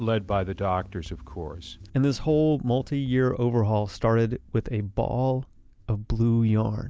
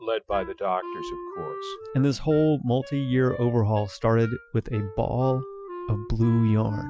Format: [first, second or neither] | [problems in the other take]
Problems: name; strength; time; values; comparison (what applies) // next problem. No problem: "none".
first | noise reduction (classical method Wiener filter)